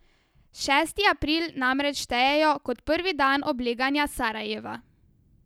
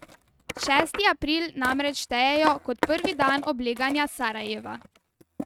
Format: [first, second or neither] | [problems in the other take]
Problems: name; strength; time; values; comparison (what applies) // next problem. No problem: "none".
first | noise reduction (neural mask model RNNoise)